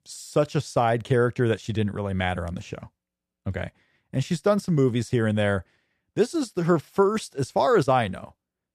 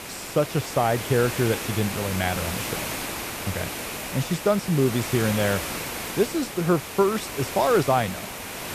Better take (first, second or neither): first